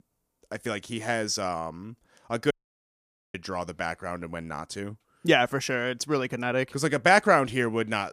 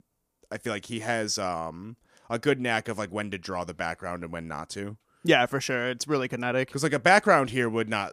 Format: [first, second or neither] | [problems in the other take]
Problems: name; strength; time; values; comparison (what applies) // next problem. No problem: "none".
second | audio cutting out; at 2.5 s for 1 s